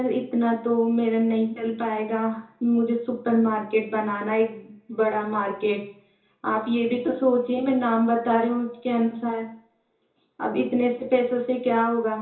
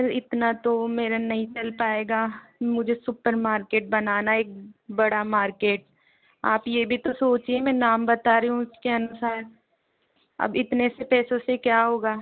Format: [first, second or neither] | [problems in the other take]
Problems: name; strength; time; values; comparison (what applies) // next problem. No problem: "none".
second | room echo; dies away in 0.7 s